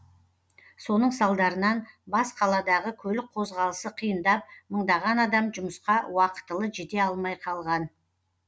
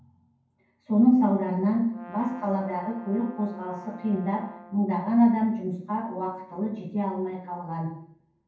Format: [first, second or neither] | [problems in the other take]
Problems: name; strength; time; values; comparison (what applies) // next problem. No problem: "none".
first | background sound (Brass instrument); 19 dB below the speech // room echo; dies away in 0.9 s